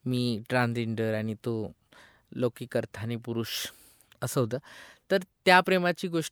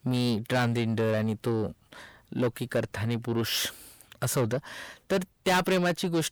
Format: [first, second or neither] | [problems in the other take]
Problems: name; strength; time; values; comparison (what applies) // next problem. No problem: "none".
first | distortion; heavy; 6 dB below the speech